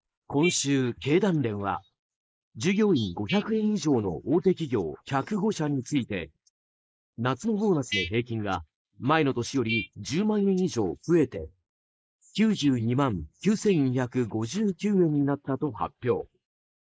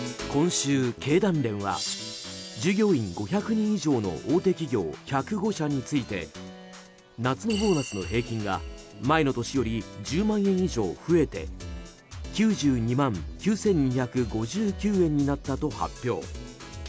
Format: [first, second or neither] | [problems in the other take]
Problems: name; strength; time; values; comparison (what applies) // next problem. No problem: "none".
second | noise reduction (neural mask model Resemble Enhance denoiser)